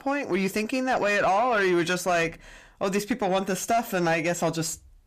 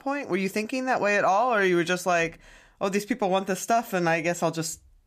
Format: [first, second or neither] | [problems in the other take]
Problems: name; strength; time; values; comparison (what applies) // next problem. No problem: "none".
second | distortion; slight; 10 dB below the speech